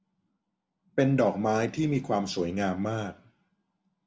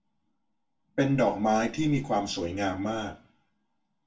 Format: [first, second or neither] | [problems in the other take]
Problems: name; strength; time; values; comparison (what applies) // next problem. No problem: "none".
first | room echo; dies away in 0.2 s